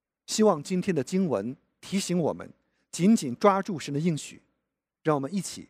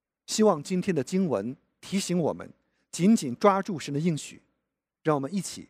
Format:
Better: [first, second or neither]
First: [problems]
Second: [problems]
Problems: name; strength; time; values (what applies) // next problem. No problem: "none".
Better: neither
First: none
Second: none